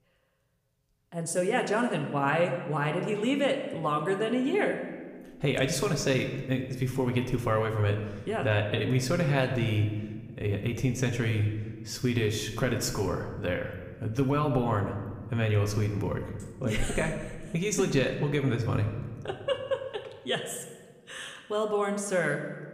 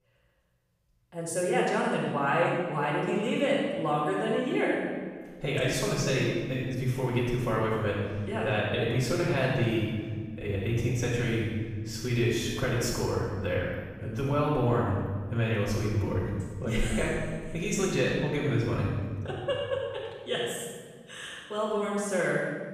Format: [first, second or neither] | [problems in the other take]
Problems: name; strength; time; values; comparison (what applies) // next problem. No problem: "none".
first | room echo; strong; dies away in 1.5 s; slight in the first // off-mic speech; far